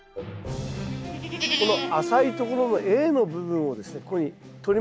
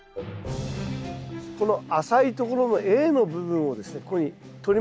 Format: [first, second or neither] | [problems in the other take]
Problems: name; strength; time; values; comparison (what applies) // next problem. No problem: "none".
second | background sound (Livestock, farm animals, working animals); 4 dB below the speech